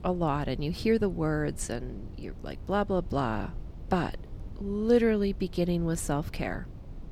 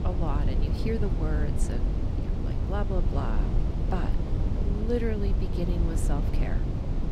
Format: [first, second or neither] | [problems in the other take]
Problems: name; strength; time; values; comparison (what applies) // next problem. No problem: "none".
first | low rumble; loud; throughout; 3 dB below the speech; faint in the first